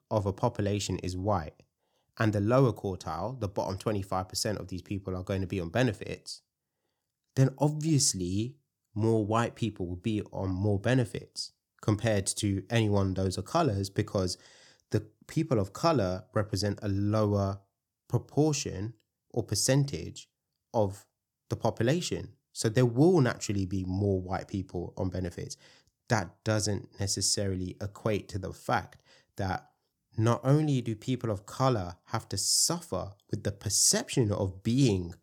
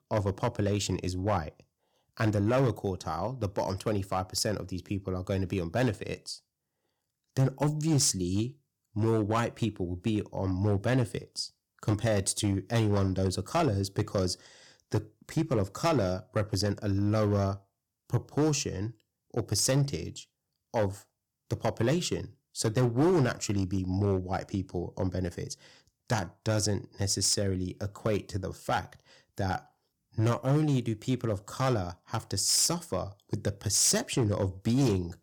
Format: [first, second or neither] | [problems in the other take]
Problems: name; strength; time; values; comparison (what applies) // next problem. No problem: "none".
first | distortion; slight; 4% of the sound clipped